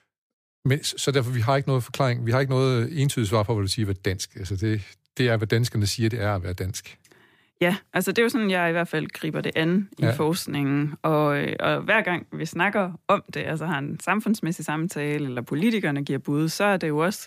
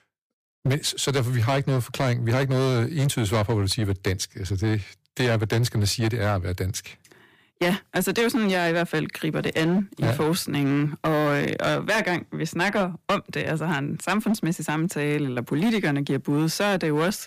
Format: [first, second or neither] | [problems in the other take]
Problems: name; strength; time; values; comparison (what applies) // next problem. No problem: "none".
first | distortion; slight; 11% of the sound clipped